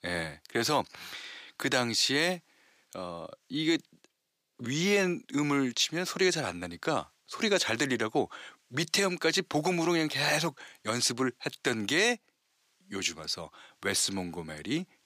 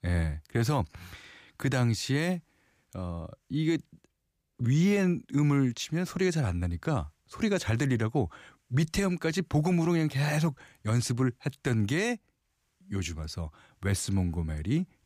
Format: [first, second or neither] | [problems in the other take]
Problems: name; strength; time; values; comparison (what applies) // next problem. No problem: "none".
second | thin; somewhat; fading below 350 Hz